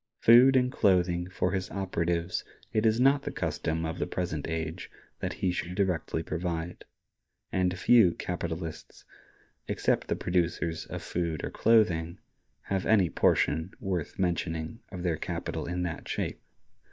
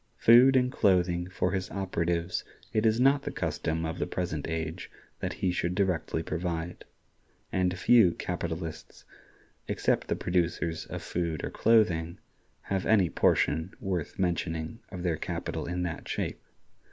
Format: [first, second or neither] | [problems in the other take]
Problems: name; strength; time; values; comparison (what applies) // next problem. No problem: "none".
second | noise reduction (neural mask model DeepFilterNet 3)